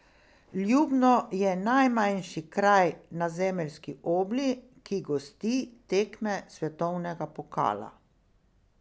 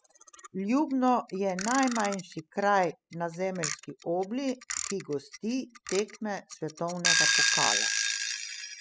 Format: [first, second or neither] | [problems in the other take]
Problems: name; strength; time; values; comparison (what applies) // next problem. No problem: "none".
first | noise reduction (classical method spectral subtraction)